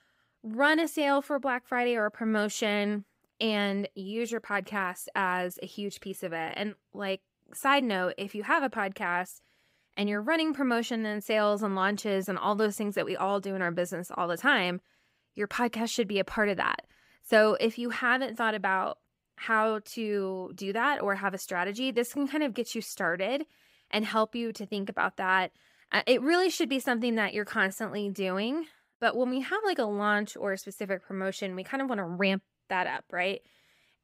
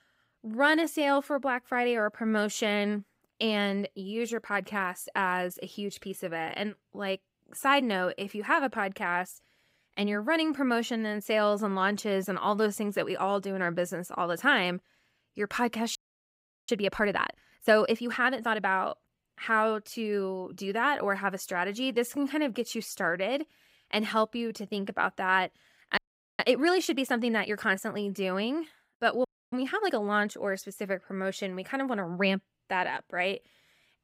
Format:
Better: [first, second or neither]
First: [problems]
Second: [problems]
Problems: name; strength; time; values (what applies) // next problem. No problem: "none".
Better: first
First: none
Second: audio freezing; at 16 s for 0.5 s, at 26 s and at 29 s